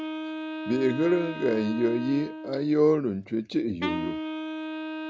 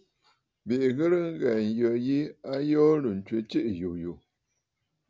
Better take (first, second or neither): second